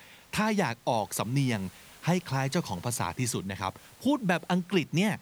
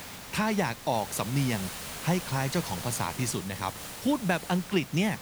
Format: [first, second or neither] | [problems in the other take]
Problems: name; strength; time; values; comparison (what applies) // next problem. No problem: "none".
first | hiss; loud; throughout; 9 dB below the speech; faint in the first